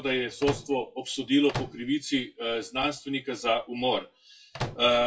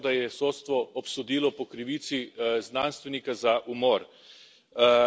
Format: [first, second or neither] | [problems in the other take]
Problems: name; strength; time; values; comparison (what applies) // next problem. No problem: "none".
second | noise reduction (classical method WPE with log-MMSE)